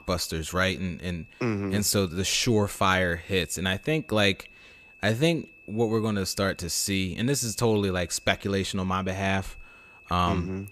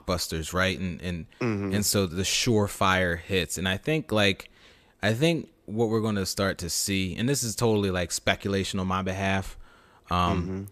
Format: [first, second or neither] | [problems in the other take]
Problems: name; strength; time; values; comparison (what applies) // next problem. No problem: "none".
second | high-pitched whine; faint; throughout; 2.5 kHz, 25 dB below the speech